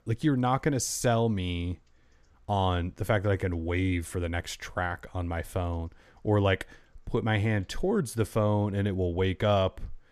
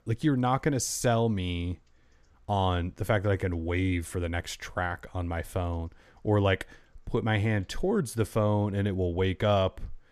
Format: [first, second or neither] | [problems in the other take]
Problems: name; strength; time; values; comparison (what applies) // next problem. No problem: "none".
neither | none